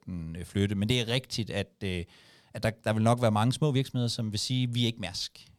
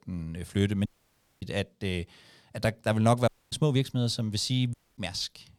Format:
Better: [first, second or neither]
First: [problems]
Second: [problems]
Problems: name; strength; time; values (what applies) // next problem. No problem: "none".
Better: first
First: none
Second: audio cutting out; at 1 s for 0.5 s, at 3.5 s and at 4.5 s